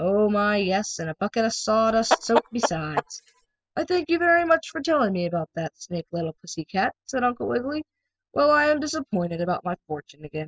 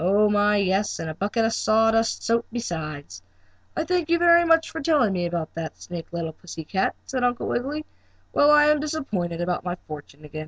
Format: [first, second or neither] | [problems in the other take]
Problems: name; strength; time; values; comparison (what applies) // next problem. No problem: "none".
second | noise reduction (classical method spectral subtraction)